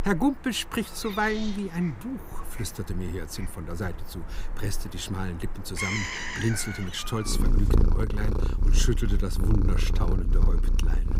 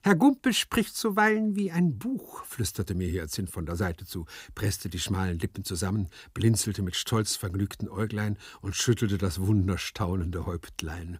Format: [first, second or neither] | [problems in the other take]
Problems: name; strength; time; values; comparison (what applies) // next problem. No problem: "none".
second | animal sounds; very loud; throughout; 2 dB above the speech